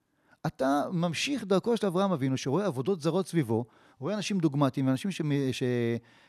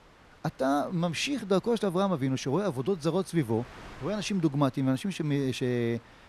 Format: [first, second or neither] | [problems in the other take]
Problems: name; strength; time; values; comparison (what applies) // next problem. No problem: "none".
first | wind noise on the microphone; occasional gusts; 20 dB below the speech